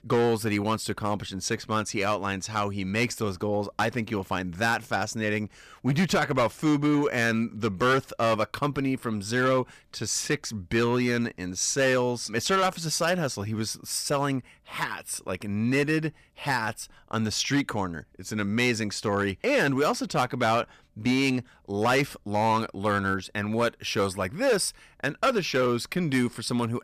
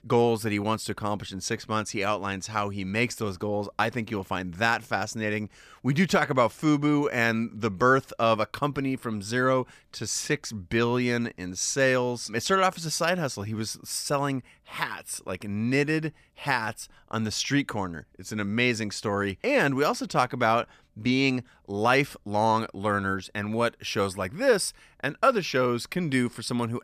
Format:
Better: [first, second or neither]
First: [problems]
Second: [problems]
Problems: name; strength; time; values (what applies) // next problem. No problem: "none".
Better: second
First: distortion; slight; 5% of the sound clipped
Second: none